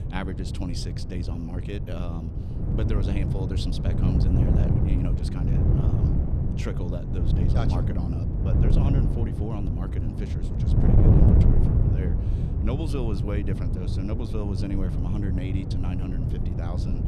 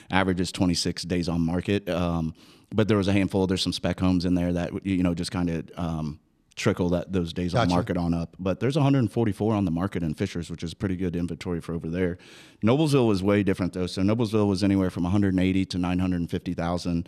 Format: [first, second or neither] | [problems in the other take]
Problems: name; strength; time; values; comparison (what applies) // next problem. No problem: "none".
second | wind noise on the microphone; heavy; 2 dB above the speech